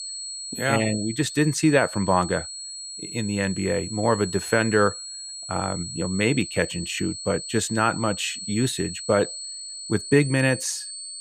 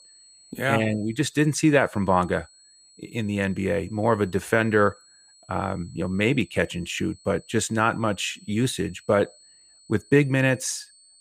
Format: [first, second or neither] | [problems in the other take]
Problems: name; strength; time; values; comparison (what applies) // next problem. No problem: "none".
second | high-pitched whine; loud; throughout; 8 kHz, 8 dB below the speech; faint in the second